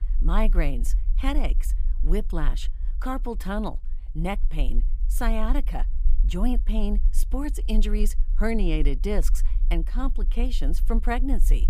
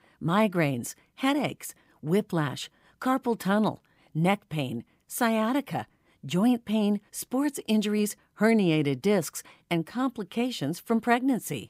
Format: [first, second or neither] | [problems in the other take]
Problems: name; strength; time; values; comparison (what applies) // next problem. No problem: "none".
second | low rumble; faint; throughout; 20 dB below the speech